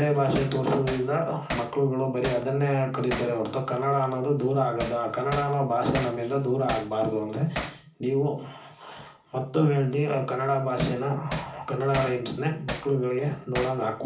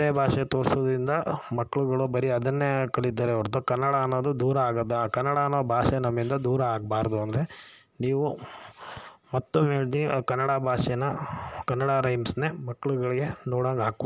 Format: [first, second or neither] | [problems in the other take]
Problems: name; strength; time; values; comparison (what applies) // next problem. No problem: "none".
second | background sound (Hammer); 11 dB below the speech // room echo; dies away in 0.4 s